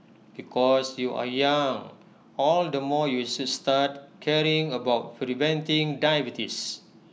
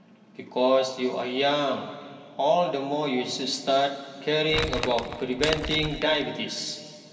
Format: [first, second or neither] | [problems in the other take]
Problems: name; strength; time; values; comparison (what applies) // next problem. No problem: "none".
first | background sound (Crumpling, crinkling); 6 dB below the speech // room echo; dies away in 2.3 s